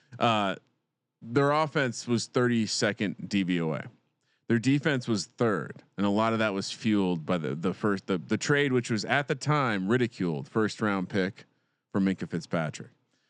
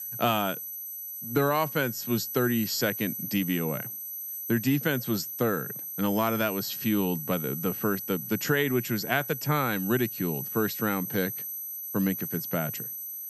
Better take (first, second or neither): first